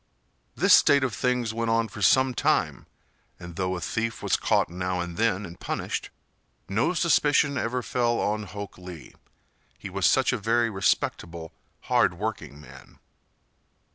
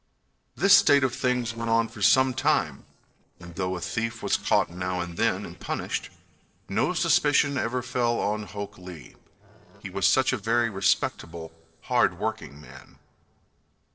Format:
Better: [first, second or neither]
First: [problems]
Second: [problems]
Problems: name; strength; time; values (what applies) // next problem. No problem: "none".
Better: first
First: none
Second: noise reduction (neural separator model SepFormer DNS4)